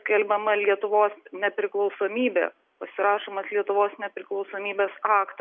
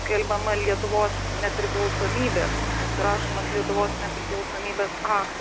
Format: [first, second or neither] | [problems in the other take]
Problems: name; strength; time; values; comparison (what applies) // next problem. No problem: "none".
first | background sound (Rain); 1 dB below the speech